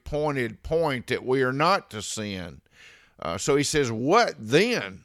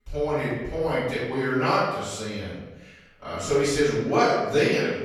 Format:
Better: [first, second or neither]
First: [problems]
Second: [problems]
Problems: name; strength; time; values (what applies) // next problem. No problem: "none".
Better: first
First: none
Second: off-mic speech; far // room echo; strong; dies away in 0.9 s